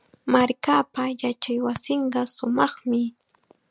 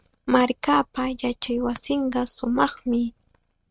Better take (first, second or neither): first